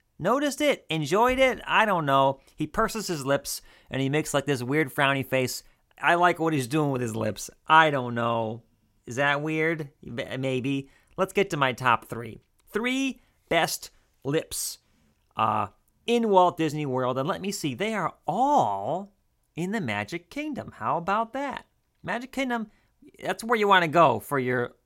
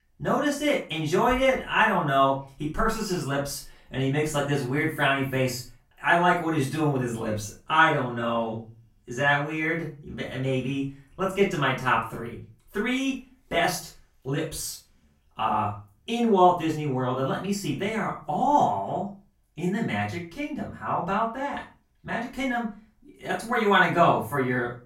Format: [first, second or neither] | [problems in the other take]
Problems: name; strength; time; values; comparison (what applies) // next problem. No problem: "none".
first | room echo; slight; dies away in 0.3 s // off-mic speech; far